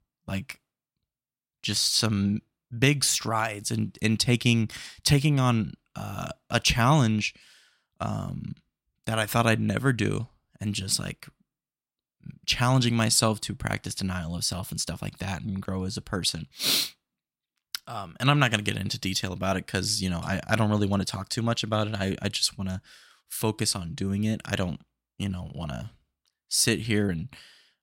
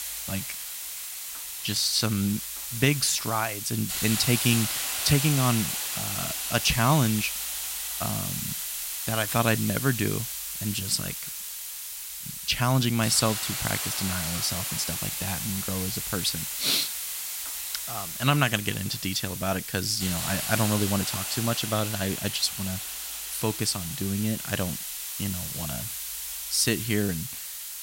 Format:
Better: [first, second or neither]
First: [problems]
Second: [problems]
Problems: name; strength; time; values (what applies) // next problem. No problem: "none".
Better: first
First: none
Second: hiss; loud; throughout; 3 dB below the speech